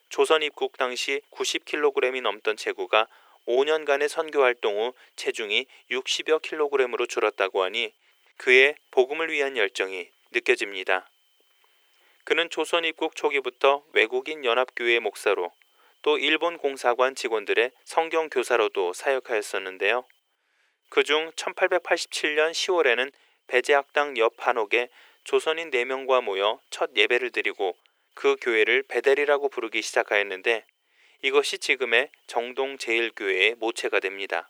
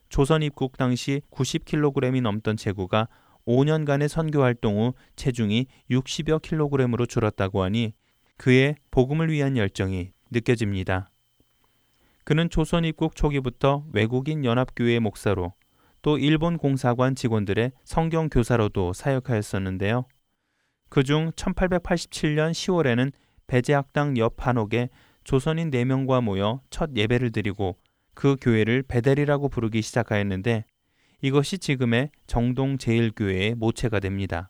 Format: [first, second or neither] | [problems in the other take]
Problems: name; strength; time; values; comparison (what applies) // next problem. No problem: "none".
second | thin; very; fading below 400 Hz